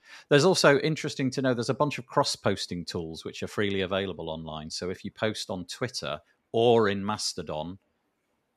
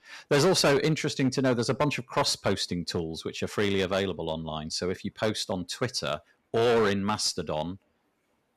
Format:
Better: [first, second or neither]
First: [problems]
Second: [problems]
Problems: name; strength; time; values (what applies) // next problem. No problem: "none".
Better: first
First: none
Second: distortion; heavy; 6% of the sound clipped